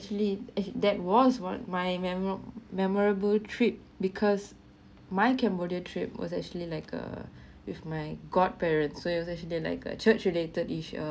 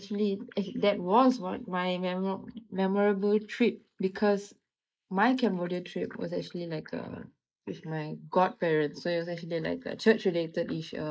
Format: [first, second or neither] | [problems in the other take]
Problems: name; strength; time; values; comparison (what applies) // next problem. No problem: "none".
first | noise reduction (neural mask model Resemble Enhance denoiser)